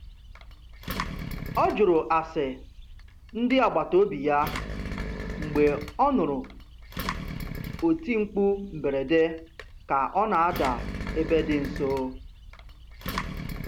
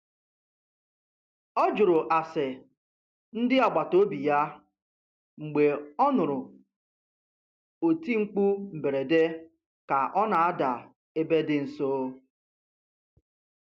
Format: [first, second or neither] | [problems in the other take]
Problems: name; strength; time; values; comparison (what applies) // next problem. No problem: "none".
second | background sound (Engine); 9 dB below the speech